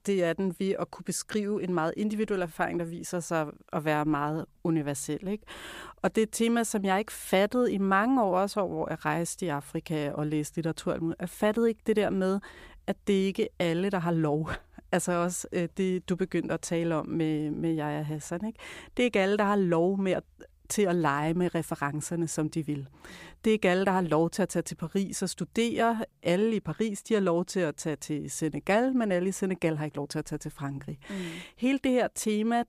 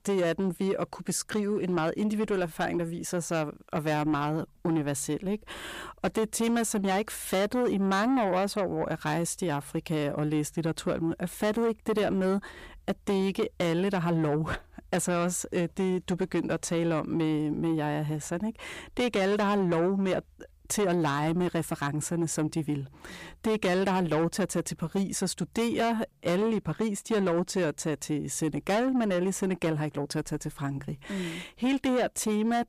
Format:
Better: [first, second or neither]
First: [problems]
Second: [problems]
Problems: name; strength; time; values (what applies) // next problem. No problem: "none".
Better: first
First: none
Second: distortion; slight; 10 dB below the speech